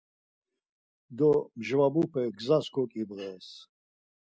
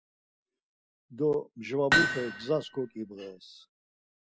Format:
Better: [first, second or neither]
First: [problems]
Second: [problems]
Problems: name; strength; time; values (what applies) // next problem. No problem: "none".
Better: first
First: none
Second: background sound (Hammer); 4 dB above the speech